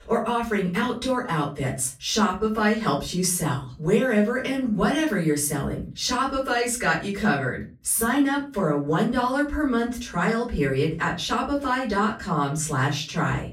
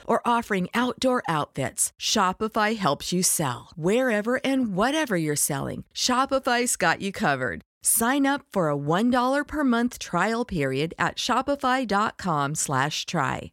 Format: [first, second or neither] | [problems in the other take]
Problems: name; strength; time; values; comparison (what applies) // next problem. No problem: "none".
second | off-mic speech; far // room echo; slight; dies away in 0.3 s